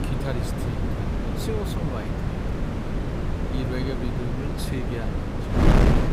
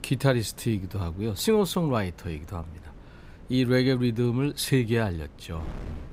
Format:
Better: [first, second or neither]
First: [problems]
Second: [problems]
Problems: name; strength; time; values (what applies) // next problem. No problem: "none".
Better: second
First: wind noise on the microphone; heavy; 5 dB above the speech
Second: wind noise on the microphone; occasional gusts; 25 dB below the speech